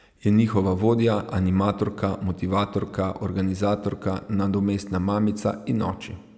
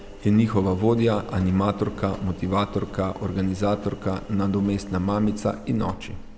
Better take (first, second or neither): first